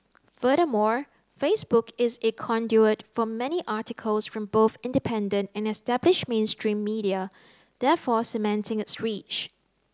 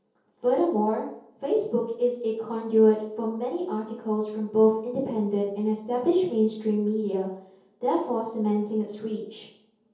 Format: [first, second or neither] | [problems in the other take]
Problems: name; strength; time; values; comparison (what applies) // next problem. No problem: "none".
first | room echo; dies away in 0.7 s